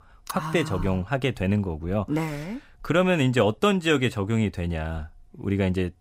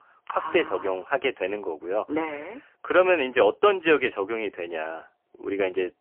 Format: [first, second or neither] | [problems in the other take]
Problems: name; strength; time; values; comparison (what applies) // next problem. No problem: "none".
first | phone-call audio; poor line; nothing above 3 kHz